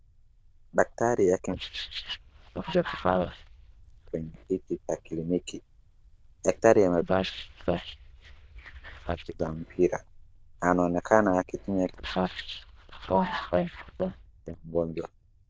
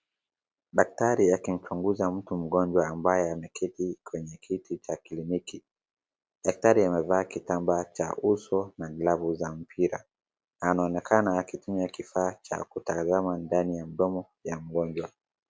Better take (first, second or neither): second